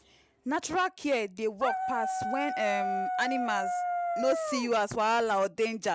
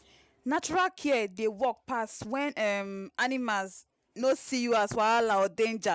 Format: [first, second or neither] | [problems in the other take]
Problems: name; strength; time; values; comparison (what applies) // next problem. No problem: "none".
second | background sound (Dog); 1 dB below the speech